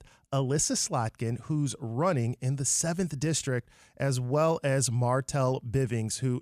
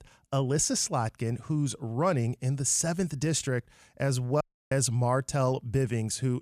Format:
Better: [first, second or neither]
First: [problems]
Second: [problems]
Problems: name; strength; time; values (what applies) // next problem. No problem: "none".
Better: first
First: none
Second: audio cutting out; at 4.5 s